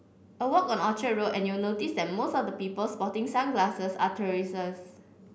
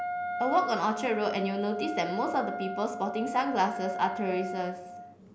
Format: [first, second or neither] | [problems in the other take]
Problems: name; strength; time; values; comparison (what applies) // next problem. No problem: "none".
first | background sound (Wind instrument, woodwind instrument); 6 dB below the speech